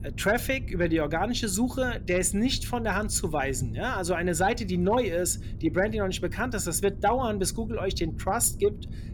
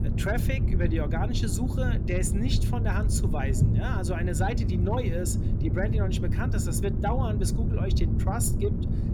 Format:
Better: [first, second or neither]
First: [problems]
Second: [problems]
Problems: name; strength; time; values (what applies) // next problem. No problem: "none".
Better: first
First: low rumble; faint; throughout; 20 dB below the speech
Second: low rumble; loud; throughout; 5 dB below the speech